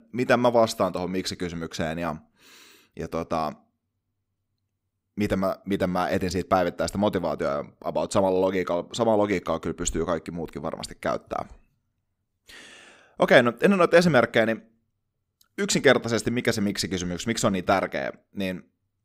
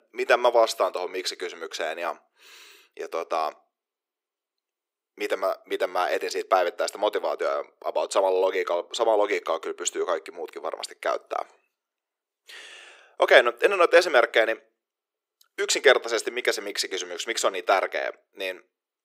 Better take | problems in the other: first | thin; very; fading below 350 Hz

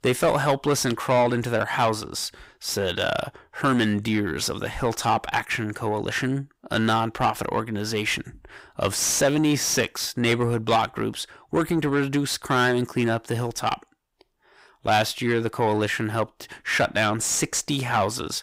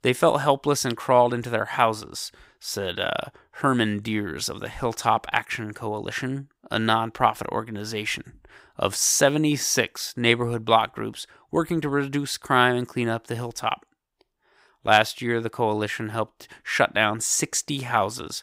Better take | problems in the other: second | distortion; heavy; 7 dB below the speech

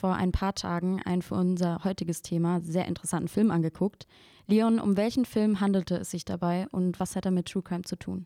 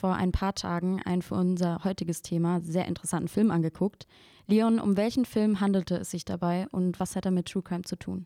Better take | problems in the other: neither | none

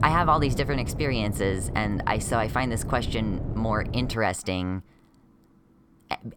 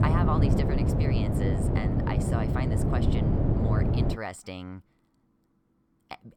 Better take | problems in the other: first | wind noise on the microphone; heavy; until 4 s; 3 dB above the speech; occasional gusts in the first

